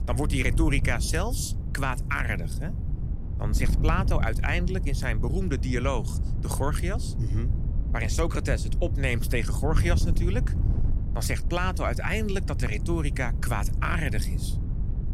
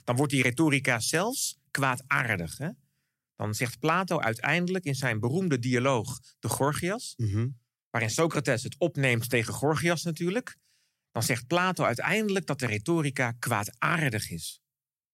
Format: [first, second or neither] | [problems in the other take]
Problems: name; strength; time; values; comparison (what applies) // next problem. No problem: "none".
second | wind noise on the microphone; occasional gusts; 15 dB below the speech